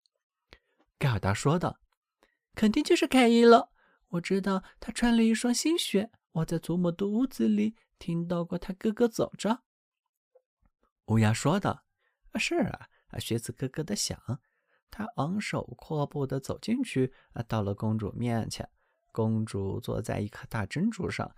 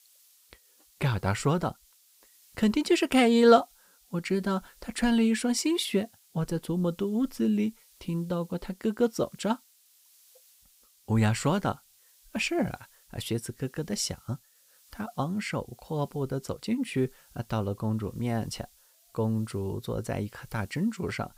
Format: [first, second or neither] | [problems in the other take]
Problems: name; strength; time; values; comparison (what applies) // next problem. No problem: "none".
first | hiss; faint; throughout; 30 dB below the speech